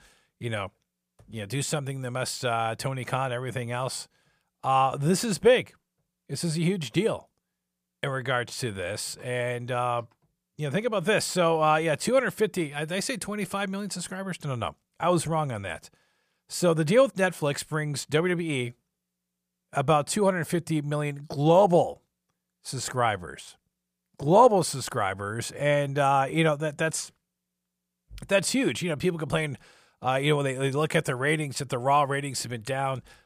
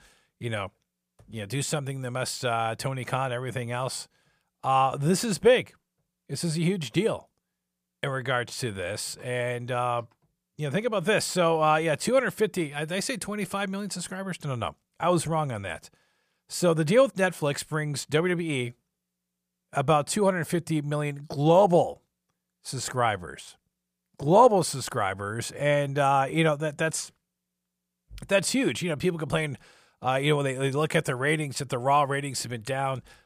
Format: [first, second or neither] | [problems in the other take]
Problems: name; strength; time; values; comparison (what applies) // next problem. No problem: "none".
neither | none